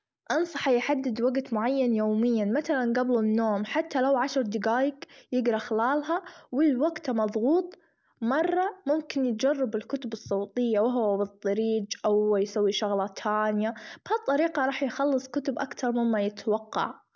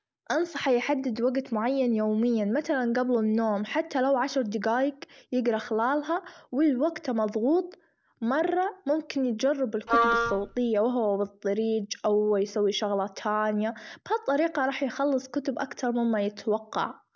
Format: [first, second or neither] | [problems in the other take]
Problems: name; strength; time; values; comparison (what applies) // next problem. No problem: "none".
first | background sound (Wind instrument, woodwind instrument); as loud as the speech